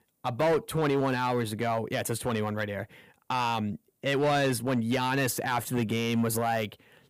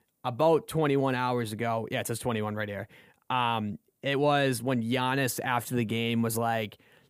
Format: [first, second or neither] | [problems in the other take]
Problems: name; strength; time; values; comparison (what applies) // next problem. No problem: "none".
second | distortion; slight; 6% of the sound clipped